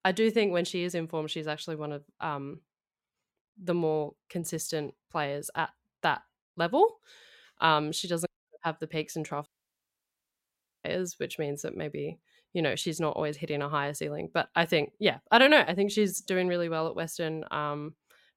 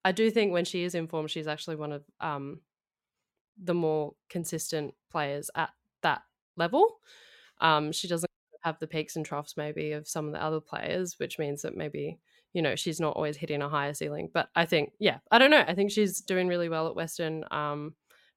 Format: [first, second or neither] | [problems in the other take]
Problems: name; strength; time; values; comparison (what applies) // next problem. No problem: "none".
second | audio cutting out; at 9.5 s for 1.5 s